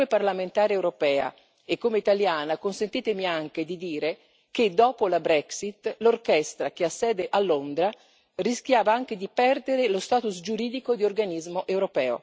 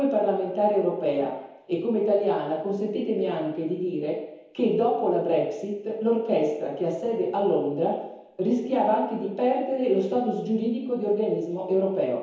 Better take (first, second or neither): first